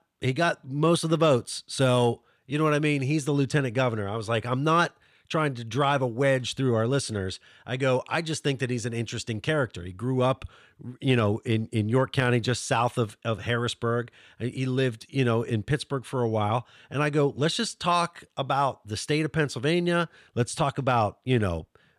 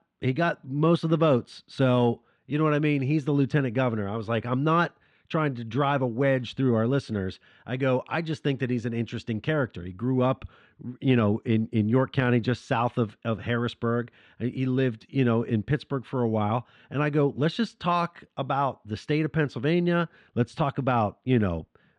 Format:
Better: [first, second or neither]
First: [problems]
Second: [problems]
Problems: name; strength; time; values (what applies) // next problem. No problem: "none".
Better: first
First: none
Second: muffled; slightly; fading above 3 kHz